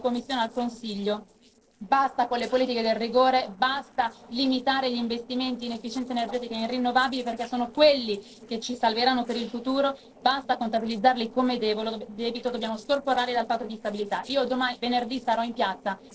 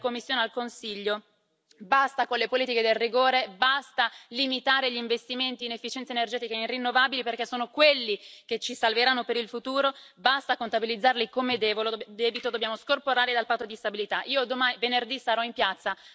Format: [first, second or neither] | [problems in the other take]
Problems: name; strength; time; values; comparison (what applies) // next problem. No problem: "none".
second | noise reduction (neural separator model SepFormer DNS4)